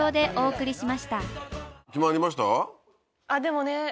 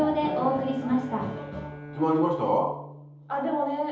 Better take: first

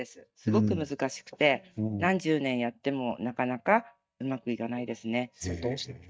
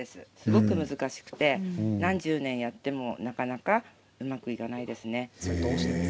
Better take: second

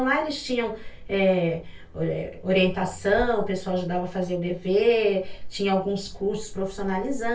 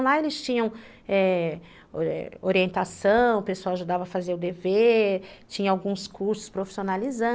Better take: second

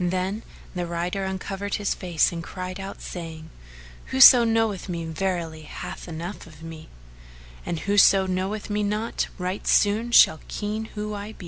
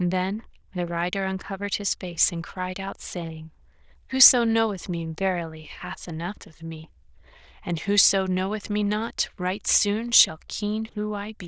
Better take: first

